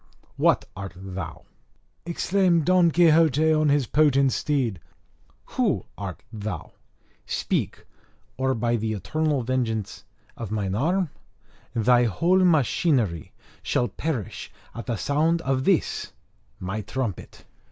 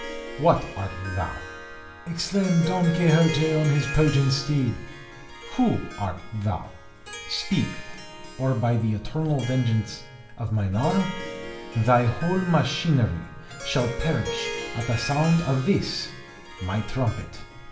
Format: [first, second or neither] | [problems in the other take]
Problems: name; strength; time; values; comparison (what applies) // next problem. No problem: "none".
first | background sound (Harp); 12 dB below the speech // room echo; dies away in 0.8 s